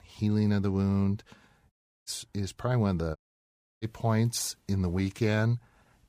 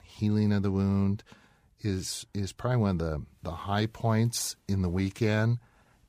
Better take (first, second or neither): second